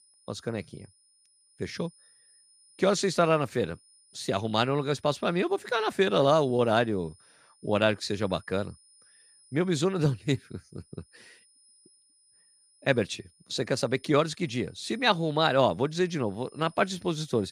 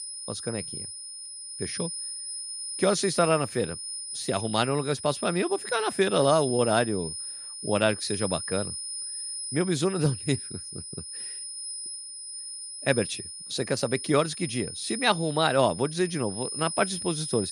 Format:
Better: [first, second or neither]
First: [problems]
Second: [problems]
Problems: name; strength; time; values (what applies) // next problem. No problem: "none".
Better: first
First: high-pitched whine; faint; throughout; 9.5 kHz, 30 dB below the speech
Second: high-pitched whine; loud; throughout; 9.5 kHz, 7 dB below the speech